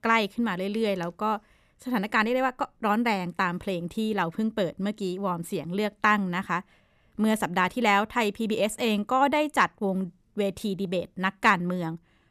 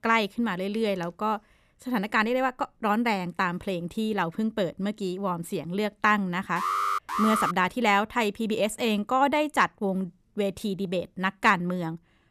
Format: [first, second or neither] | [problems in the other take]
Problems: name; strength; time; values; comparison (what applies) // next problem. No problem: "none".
first | alarm; loud; at 6.5 s; peak 1 dB above the speech